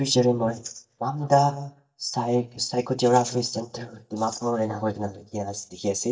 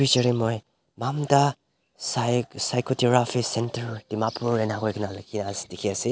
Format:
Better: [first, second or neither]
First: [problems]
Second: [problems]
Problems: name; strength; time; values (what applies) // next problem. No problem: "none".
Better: second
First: noise reduction (neural mask model DeepFilterNet 3)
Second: none